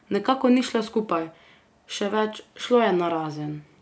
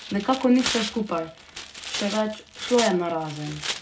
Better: first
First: none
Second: background sound (Tearing); 9 dB below the speech // room echo; dies away in 0.4 s

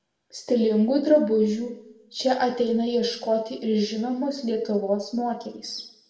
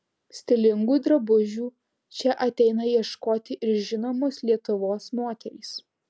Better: second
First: room echo; dies away in 0.6 s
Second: none

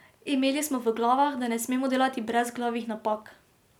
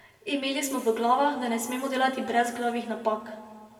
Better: first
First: none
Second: room echo; dies away in 1.5 s

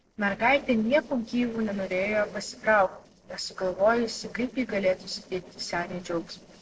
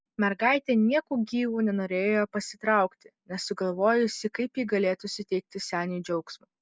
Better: second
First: noise reduction (neural separator model SepFormer DNS4)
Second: none

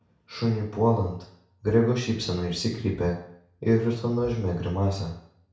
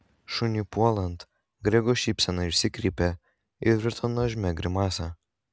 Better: second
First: room echo; dies away in 0.6 s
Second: none

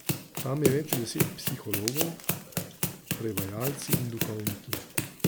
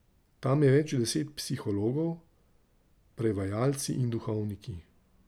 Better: second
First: background sound (Run); 3 dB above the speech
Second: none

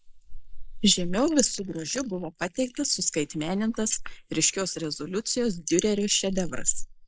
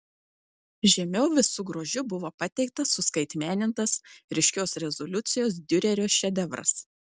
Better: second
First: noise reduction (neural mask model Resemble Enhance denoiser)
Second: none

